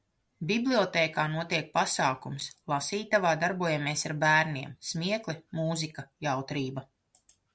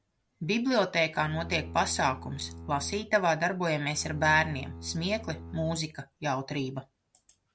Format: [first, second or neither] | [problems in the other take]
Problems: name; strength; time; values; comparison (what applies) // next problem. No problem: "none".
first | background sound (Bowed string instrument); 13 dB below the speech